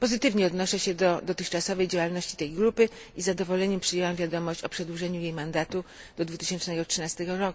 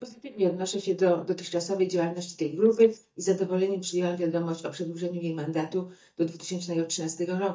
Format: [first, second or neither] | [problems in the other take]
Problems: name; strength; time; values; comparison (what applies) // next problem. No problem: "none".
first | noise reduction (neural mask model DeepFilterNet 3)